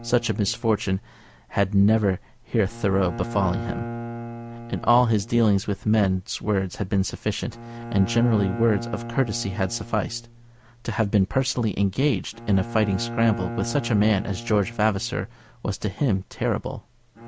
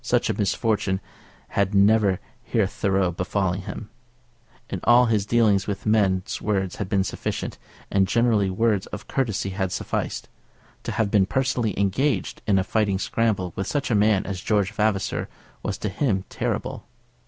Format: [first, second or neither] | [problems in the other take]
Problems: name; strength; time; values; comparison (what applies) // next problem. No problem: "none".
second | background sound (Bowed string instrument); 12 dB below the speech